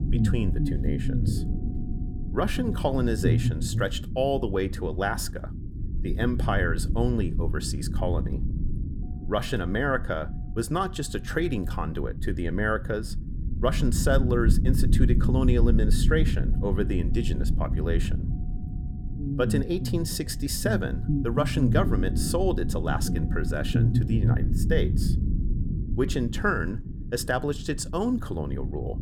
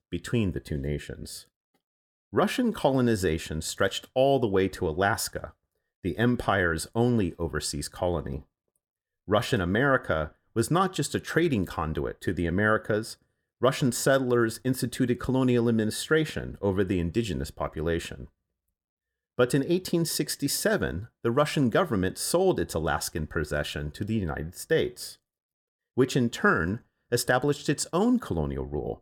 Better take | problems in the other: second | low rumble; loud; throughout; 10 dB below the speech

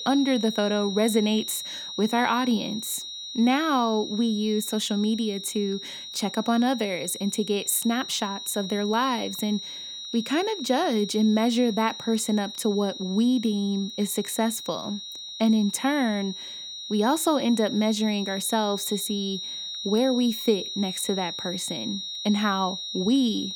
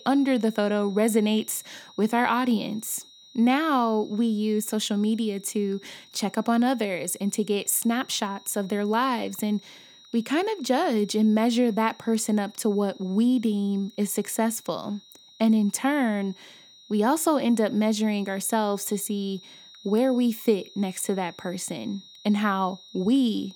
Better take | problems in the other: second | high-pitched whine; loud; throughout; 4 kHz, 8 dB below the speech; faint in the second

